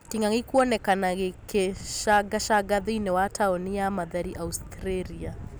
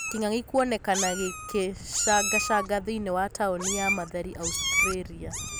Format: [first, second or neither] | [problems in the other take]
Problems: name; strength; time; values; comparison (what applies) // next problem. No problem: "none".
first | background sound (Meow); 3 dB below the speech